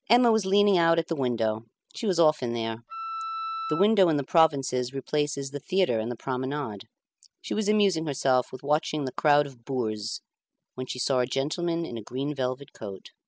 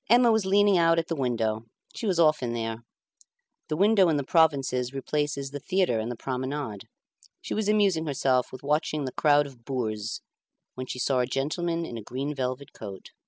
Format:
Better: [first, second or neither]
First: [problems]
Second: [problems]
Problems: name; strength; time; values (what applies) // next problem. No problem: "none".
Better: second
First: background sound (Wind instrument, woodwind instrument); 7 dB below the speech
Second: none